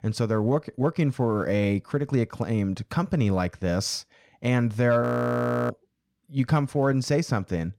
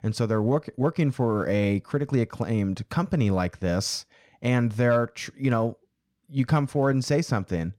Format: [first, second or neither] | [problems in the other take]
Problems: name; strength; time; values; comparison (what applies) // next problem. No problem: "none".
second | audio freezing; at 5 s for 0.5 s